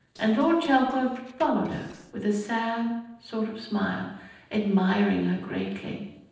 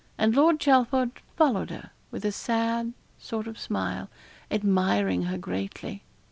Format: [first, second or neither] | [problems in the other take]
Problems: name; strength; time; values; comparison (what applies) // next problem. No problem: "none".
second | noise reduction (neural separator model SepFormer DNS4)